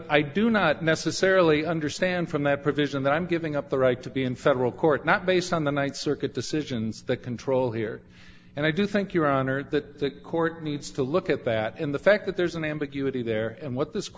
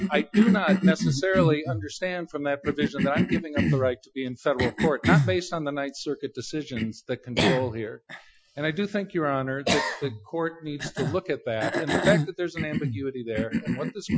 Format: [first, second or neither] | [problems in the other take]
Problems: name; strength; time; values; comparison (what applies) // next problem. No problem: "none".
first | noise reduction (classical method Wiener filter)